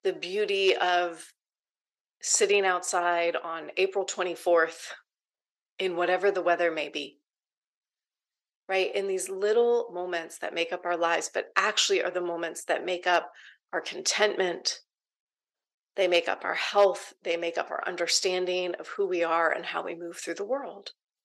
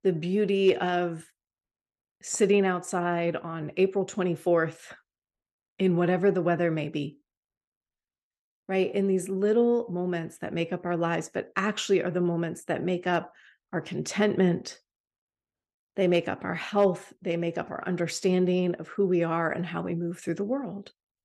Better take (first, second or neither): second